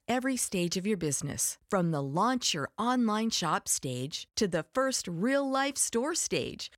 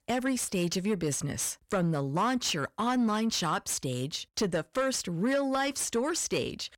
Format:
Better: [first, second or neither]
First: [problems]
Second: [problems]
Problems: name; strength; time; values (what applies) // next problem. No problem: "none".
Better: first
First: none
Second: distortion; slight; 10 dB below the speech